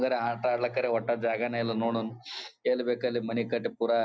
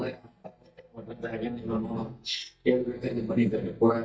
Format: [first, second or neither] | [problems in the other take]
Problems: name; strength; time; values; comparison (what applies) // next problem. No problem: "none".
first | noise reduction (neural mask model DeepFilterNet 3)